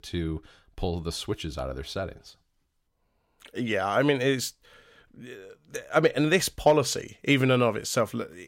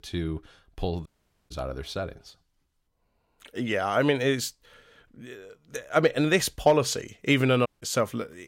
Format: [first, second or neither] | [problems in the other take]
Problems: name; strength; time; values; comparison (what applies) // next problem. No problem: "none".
first | audio cutting out; at 1 s and at 7.5 s